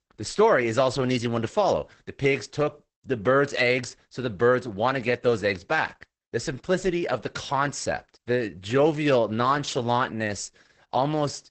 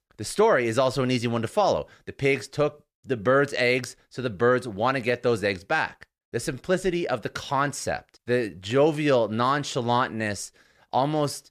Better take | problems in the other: second | garbled, watery; badly; nothing above 8 kHz

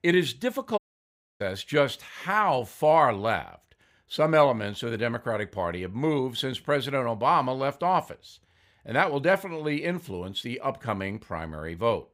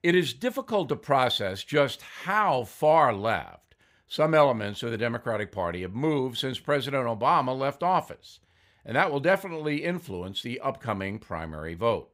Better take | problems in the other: second | audio cutting out; at 1 s for 0.5 s

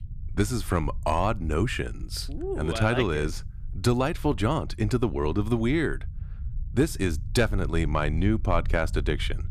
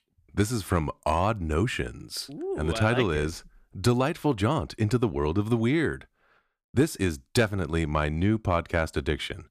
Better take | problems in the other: second | low rumble; faint; throughout; 25 dB below the speech

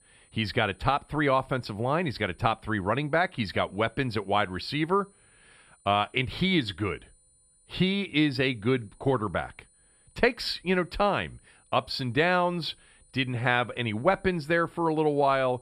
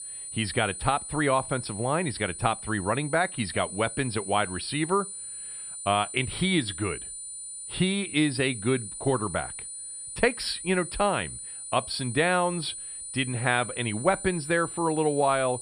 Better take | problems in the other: first | high-pitched whine; loud; throughout; 9.5 kHz, 8 dB below the speech; faint in the first

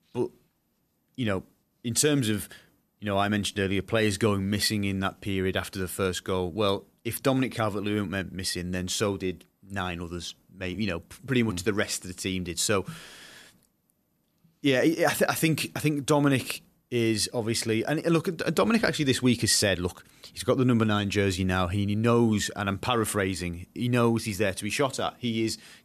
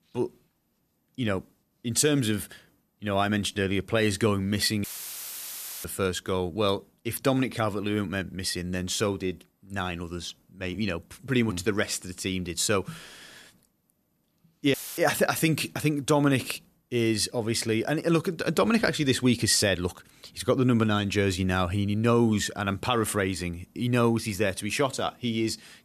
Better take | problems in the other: first | audio cutting out; filled with static; at 5 s for 1 s and at 15 s

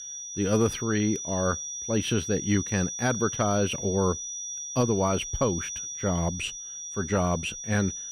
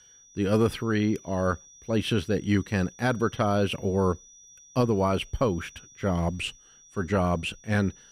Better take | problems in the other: second | high-pitched whine; loud; throughout; 6 kHz, 6 dB below the speech; faint in the second

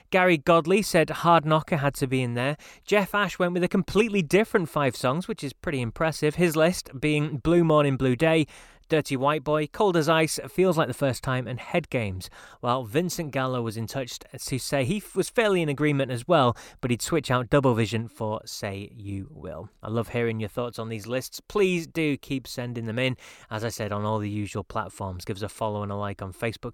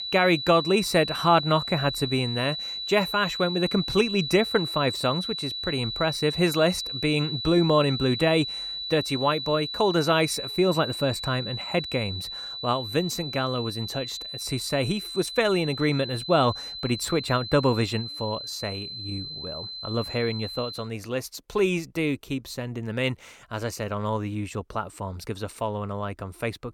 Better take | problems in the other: first | high-pitched whine; loud; until 21 s; 4 kHz, 6 dB below the speech

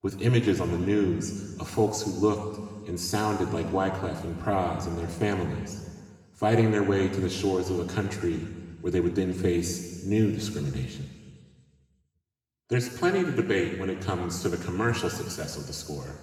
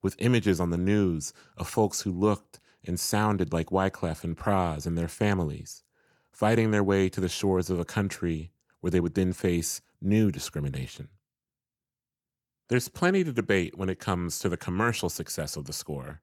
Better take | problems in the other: second | room echo; noticeable; dies away in 1.7 s // off-mic speech; far

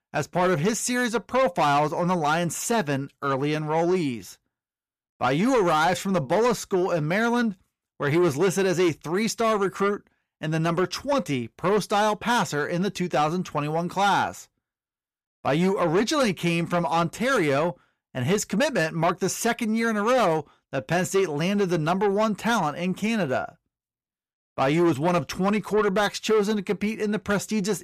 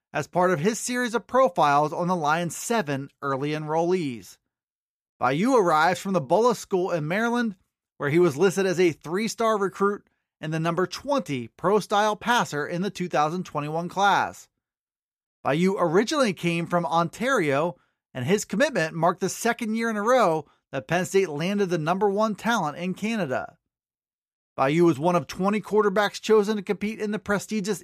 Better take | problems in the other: second | distortion; slight; 10 dB below the speech

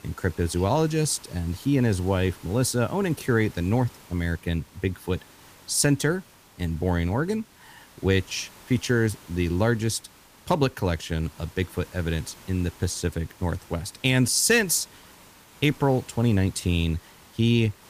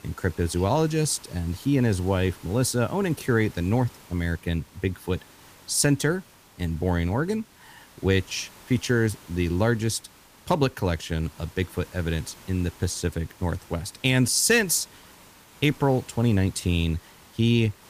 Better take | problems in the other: neither | hiss; faint; throughout; 25 dB below the speech; the same in both

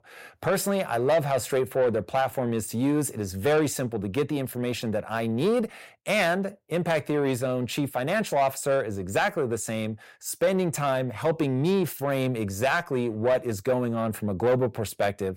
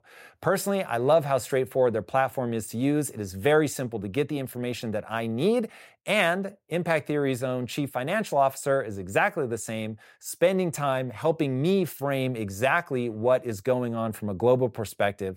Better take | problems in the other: second | distortion; slight; 10 dB below the speech

